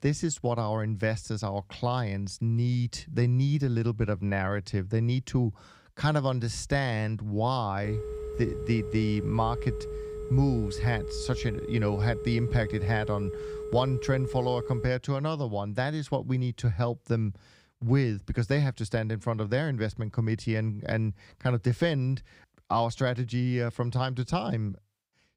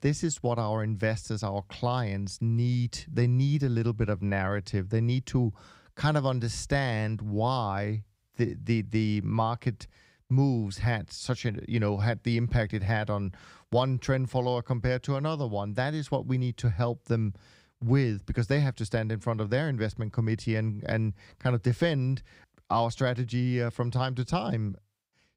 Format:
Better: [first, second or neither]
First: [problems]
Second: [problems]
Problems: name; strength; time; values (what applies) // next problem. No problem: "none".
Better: second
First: phone ringing; noticeable; from 8 to 15 s; peak 7 dB below the speech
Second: none